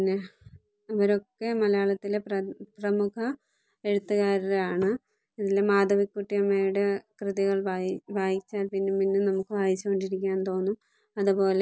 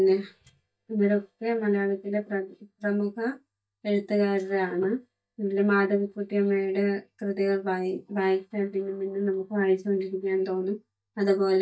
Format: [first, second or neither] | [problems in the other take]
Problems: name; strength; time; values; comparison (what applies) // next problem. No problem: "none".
first | noise reduction (neural mask model DeepFilterNet 3)